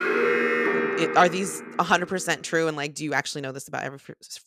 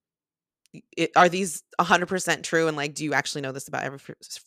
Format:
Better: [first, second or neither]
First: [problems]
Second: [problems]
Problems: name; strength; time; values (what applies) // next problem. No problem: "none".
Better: second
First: alarm; loud; until 2 s; peak 4 dB above the speech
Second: none